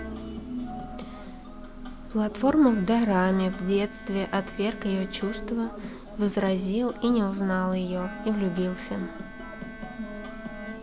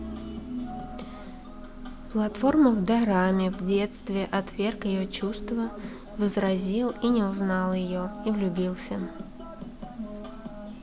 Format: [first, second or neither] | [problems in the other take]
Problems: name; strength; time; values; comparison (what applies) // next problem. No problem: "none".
second | background sound (Bowed string instrument); 19 dB below the speech